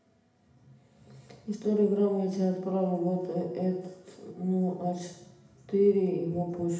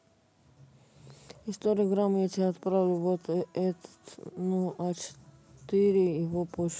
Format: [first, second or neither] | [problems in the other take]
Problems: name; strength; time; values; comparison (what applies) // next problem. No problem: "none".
second | room echo; dies away in 0.8 s